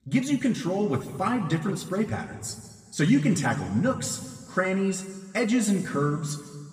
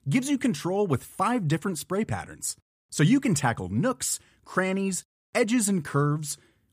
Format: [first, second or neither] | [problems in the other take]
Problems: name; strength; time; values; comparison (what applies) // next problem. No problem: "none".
second | room echo; slight; dies away in 1.7 s // off-mic speech; somewhat distant